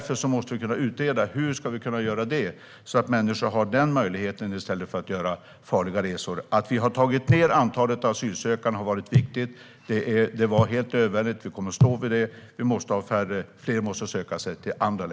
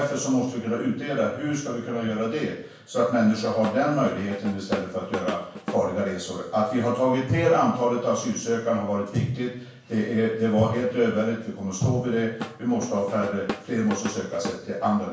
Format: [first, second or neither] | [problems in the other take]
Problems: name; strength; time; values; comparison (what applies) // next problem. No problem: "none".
first | background sound (Drum / Drum kit); 9 dB below the speech // room echo; dies away in 0.7 s